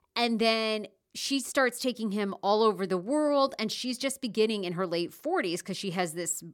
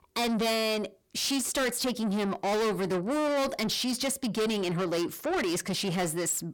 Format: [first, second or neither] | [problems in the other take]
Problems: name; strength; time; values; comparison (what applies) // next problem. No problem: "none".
first | distortion; heavy; 6 dB below the speech